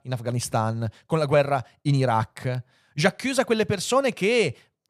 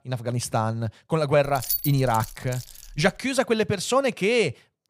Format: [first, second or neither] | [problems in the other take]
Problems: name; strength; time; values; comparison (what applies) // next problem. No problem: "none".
first | jangling keys; noticeable; from 1.5 to 3 s; peak 1 dB below the speech